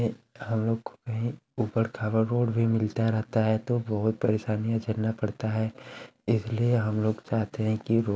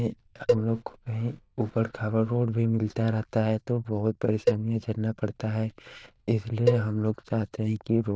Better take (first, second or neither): first